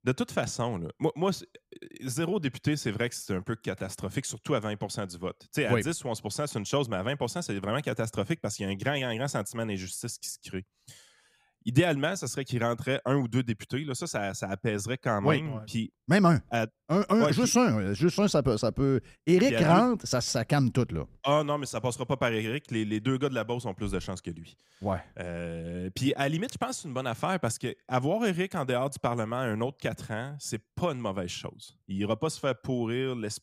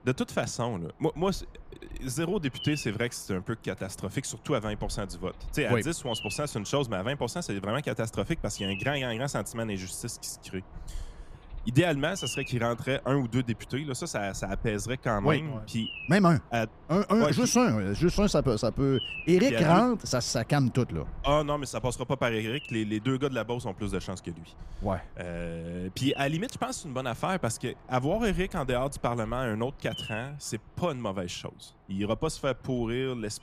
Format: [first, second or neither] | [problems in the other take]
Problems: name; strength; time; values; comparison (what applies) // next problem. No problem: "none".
first | animal sounds; noticeable; throughout; 15 dB below the speech